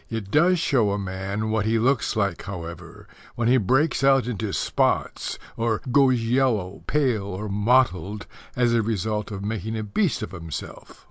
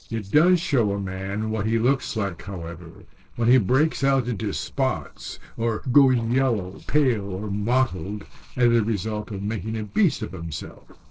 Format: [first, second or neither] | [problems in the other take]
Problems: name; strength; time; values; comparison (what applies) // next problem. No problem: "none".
first | noise reduction (neural separator model SepFormer DNS4)